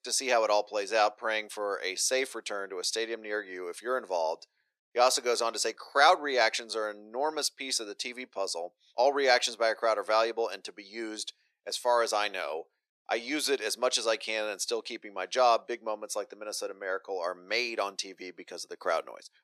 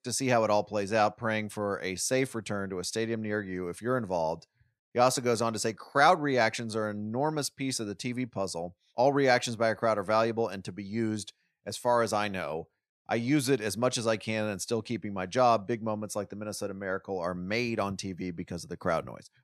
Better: second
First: thin; very; fading below 350 Hz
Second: none

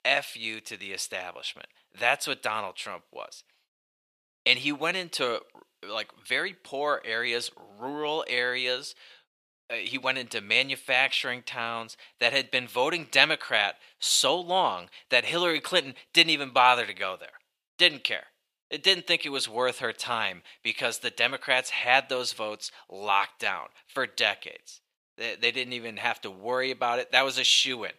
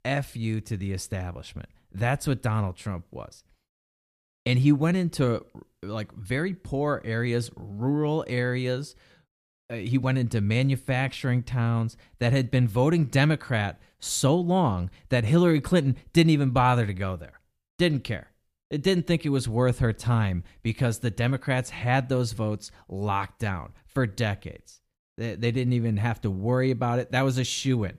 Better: second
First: thin; very; fading below 700 Hz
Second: none

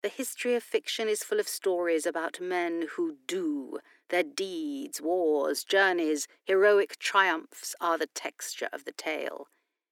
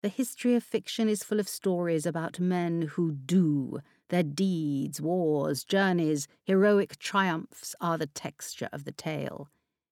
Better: second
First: thin; very; fading below 300 Hz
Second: none

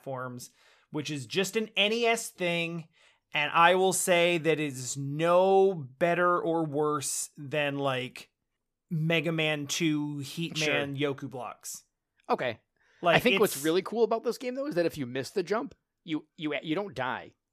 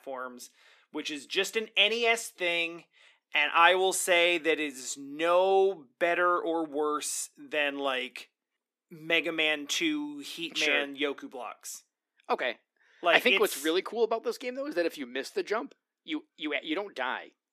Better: first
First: none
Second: thin; very slightly; fading below 250 Hz

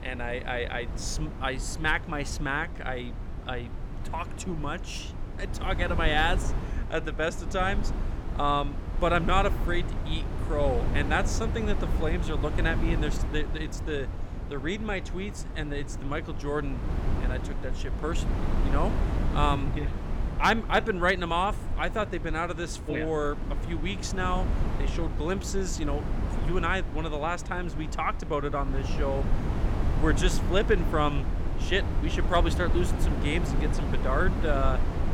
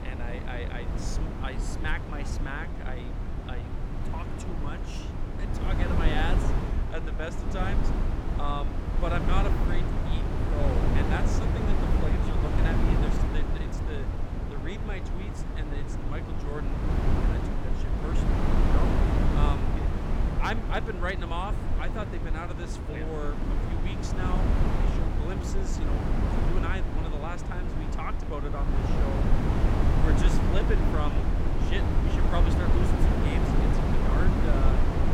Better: first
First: wind noise on the microphone; occasional gusts; 10 dB below the speech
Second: wind noise on the microphone; heavy; 1 dB above the speech

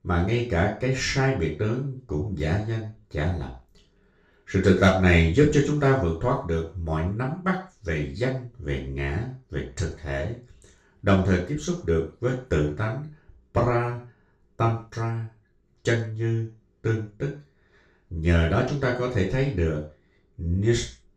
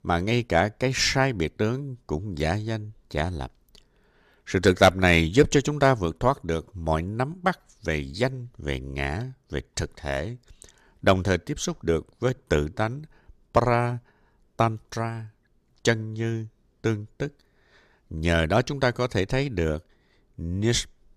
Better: second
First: room echo; noticeable; dies away in 0.3 s // off-mic speech; far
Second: none

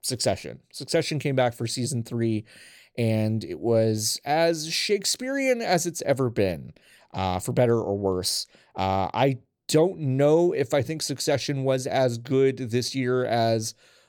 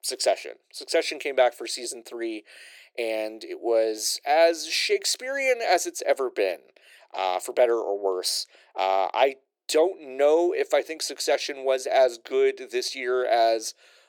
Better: first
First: none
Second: thin; very; fading below 350 Hz

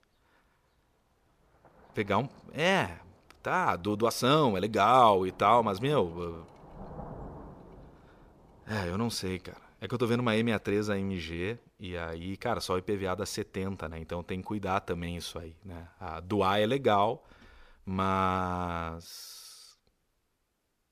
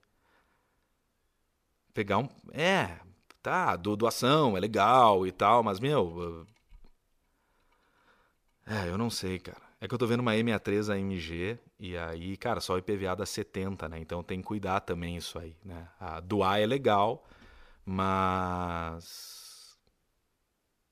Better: second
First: rain or running water; faint; until 17 s; 25 dB below the speech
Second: none

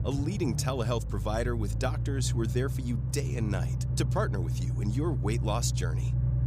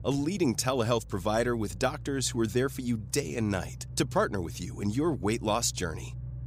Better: second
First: low rumble; loud; throughout; 9 dB below the speech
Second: low rumble; faint; throughout; 25 dB below the speech

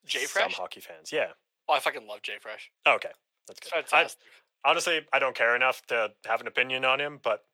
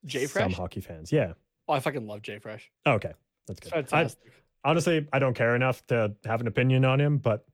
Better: second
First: thin; very; fading below 800 Hz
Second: none

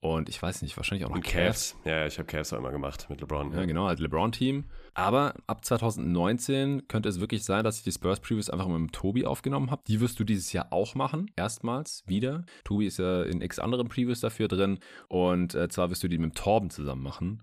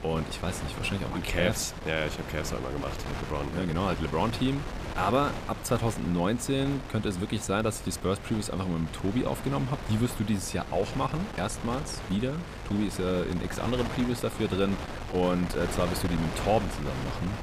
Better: first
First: none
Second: wind noise on the microphone; heavy; 7 dB below the speech

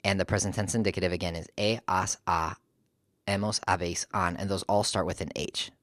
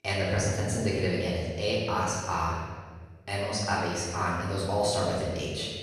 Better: first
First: none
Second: off-mic speech; far // room echo; strong; dies away in 1.6 s

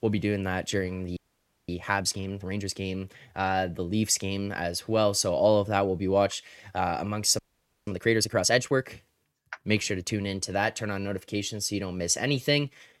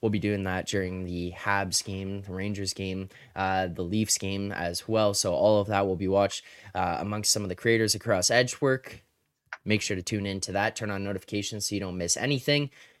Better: second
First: audio freezing; at 1 s for 0.5 s and at 7.5 s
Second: none

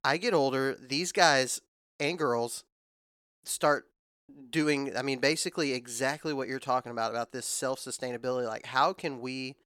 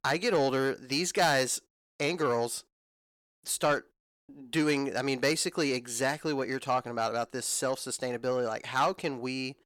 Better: first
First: none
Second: distortion; slight; 10 dB below the speech

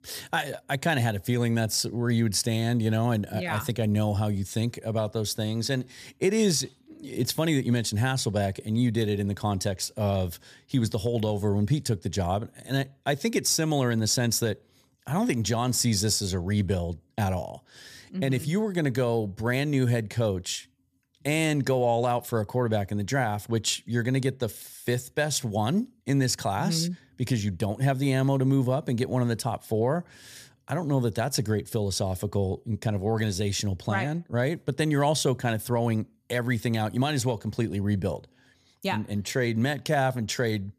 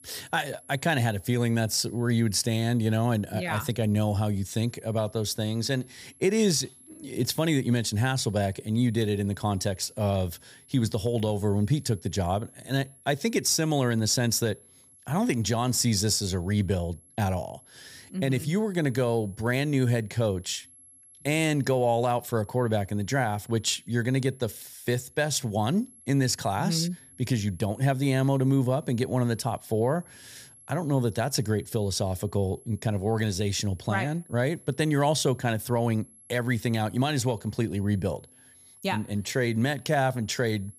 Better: first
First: none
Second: high-pitched whine; faint; throughout; 11 kHz, 25 dB below the speech

